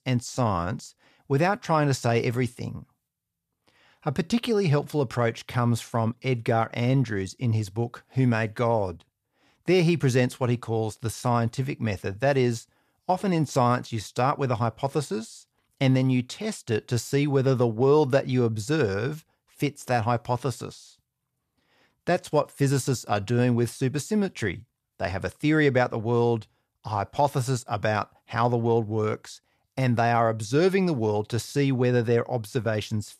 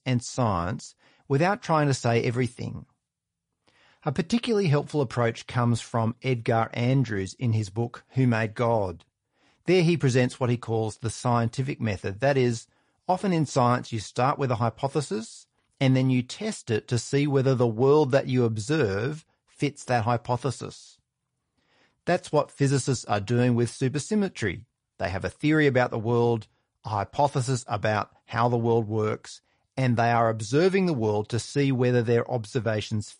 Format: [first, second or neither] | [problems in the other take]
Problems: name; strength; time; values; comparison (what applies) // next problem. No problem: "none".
first | garbled, watery; slightly; nothing above 10.5 kHz